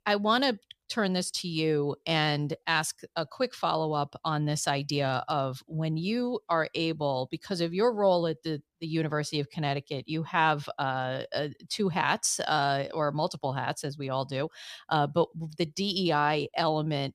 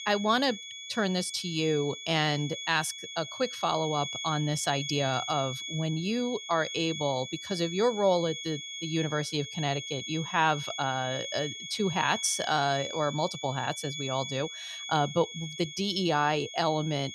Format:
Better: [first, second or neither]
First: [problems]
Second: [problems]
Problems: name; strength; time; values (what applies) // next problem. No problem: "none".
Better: first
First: none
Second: high-pitched whine; loud; throughout; 3.5 kHz, 8 dB below the speech